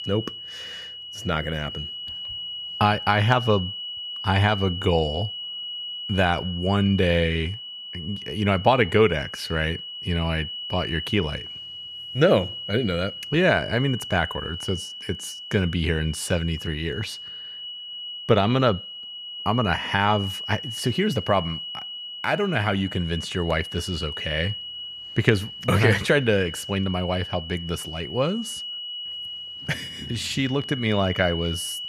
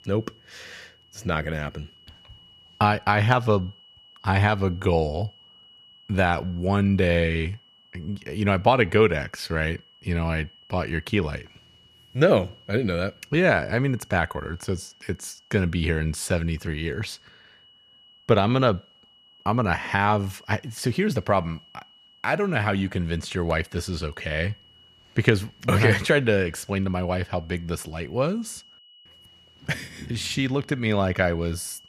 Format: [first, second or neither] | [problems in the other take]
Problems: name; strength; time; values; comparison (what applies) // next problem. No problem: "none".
second | high-pitched whine; loud; throughout; 3 kHz, 8 dB below the speech; faint in the second